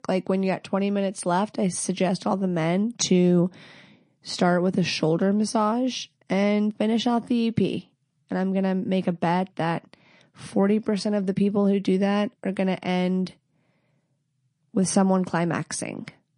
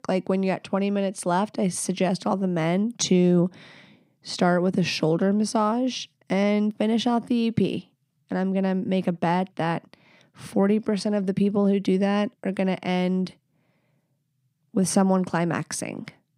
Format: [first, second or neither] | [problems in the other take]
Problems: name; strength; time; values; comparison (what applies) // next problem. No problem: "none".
second | garbled, watery; slightly; nothing above 10 kHz